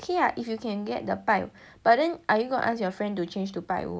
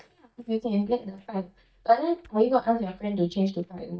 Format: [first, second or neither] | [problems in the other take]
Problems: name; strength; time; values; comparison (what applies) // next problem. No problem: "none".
first | noise reduction (neural mask model DeepFilterNet 3)